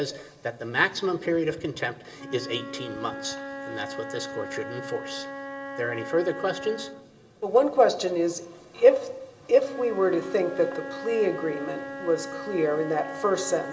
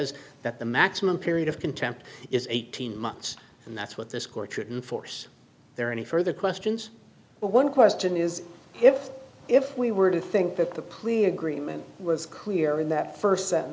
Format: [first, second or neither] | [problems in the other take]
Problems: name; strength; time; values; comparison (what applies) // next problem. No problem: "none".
second | background sound (Wind instrument, woodwind instrument); 12 dB below the speech // room echo; dies away in 2.2 s